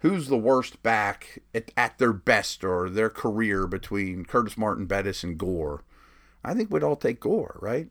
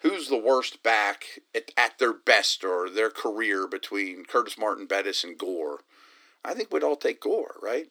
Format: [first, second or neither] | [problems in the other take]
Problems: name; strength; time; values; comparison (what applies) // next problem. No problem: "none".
first | thin; somewhat; fading below 300 Hz